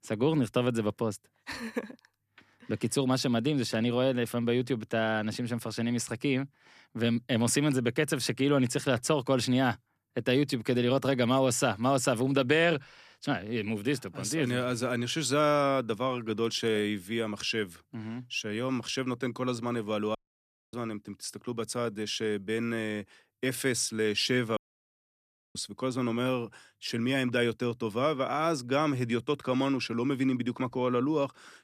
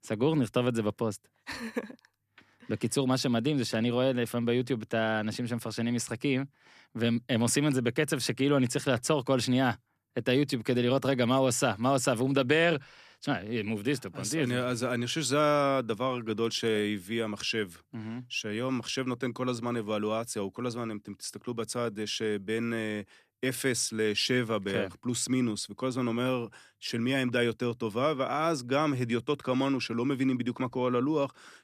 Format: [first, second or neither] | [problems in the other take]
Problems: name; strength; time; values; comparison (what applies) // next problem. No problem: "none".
second | audio cutting out; at 20 s for 0.5 s and at 25 s for 1 s